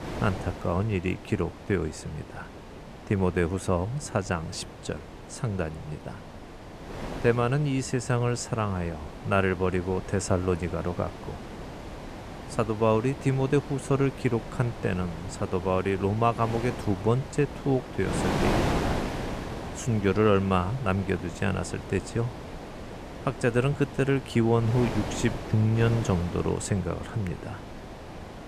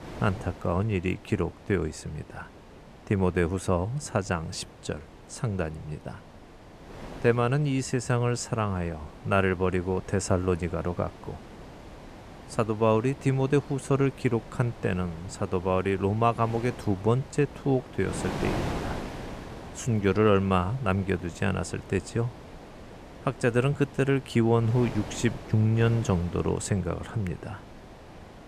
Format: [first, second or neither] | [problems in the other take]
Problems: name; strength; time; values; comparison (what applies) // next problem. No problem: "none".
second | wind noise on the microphone; heavy; 9 dB below the speech; occasional gusts in the second